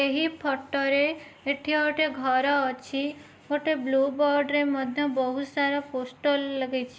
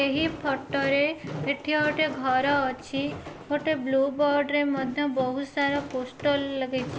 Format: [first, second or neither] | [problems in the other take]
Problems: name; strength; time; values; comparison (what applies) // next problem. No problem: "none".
first | background sound (Walk, footsteps); 12 dB below the speech